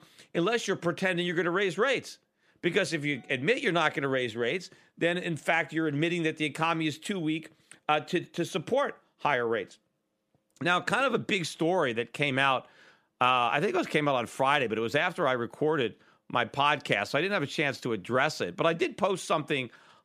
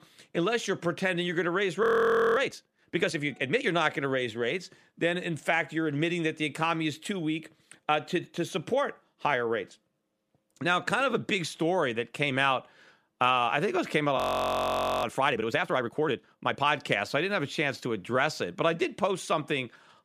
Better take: first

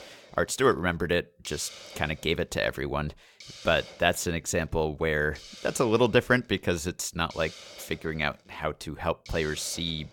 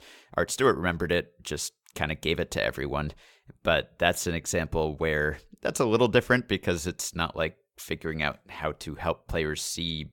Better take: second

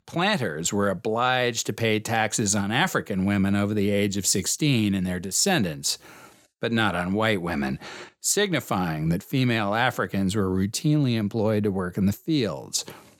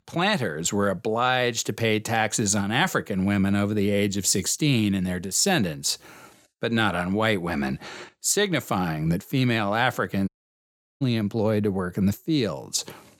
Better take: first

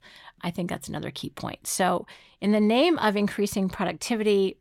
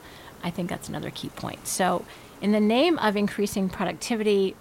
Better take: first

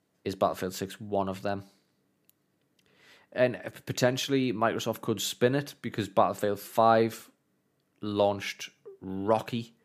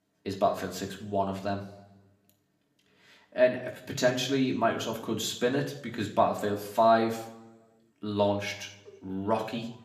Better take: first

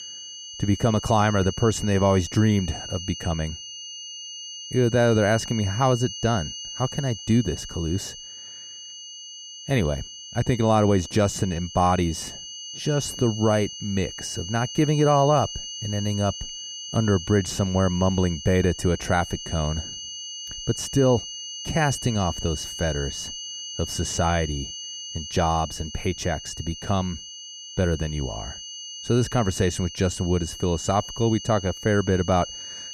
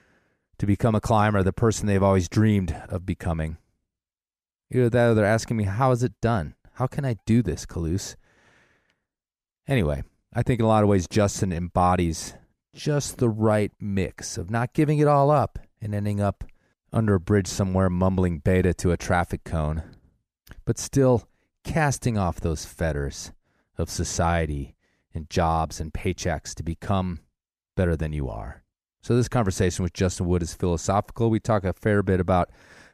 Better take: second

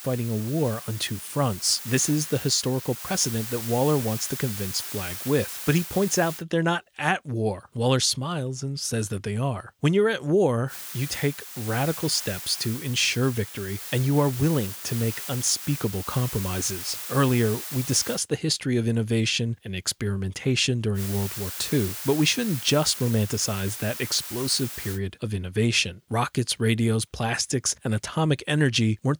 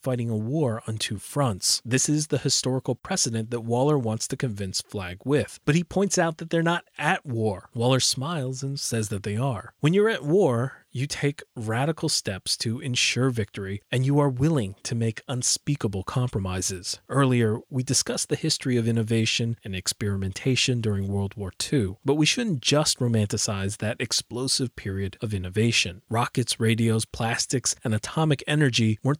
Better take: second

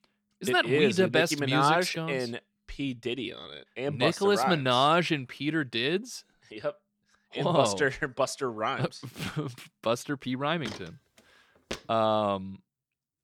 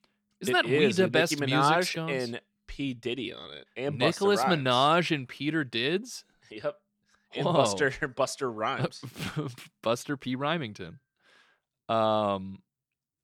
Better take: second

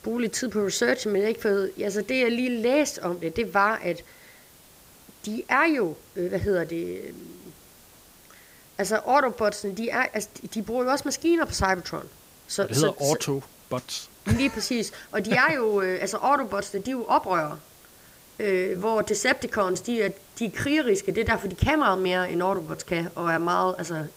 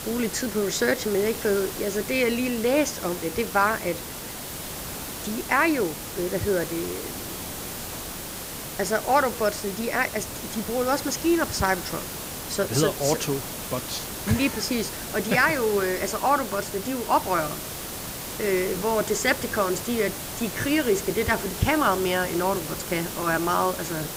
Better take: first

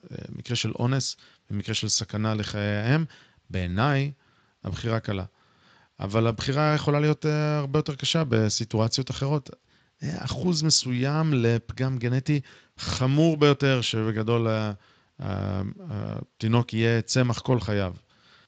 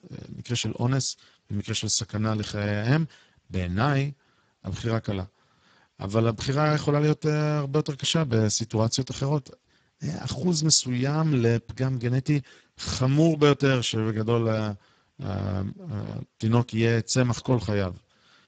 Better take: first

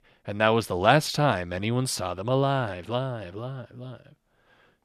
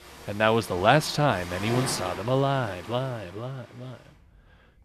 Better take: first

